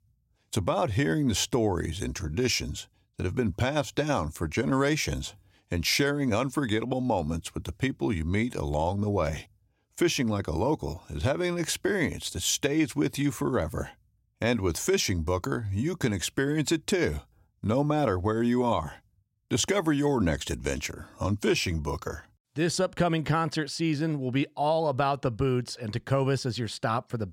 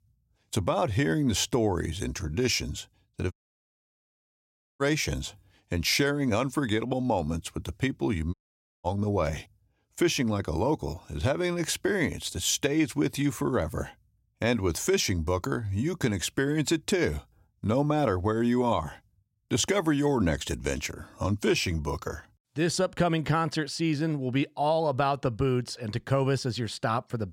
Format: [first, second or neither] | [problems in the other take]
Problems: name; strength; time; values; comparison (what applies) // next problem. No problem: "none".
first | audio cutting out; at 3.5 s for 1.5 s and at 8.5 s for 0.5 s